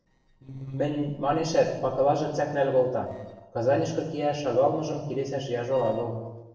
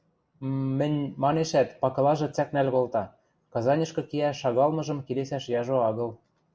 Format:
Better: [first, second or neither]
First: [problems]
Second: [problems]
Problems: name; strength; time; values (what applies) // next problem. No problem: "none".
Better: second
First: noise reduction (neural separator model SepFormer DNS4)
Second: none